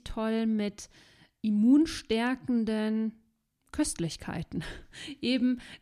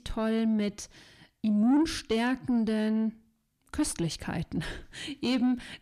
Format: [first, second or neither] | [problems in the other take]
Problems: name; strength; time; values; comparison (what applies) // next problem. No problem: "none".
first | distortion; slight; 10 dB below the speech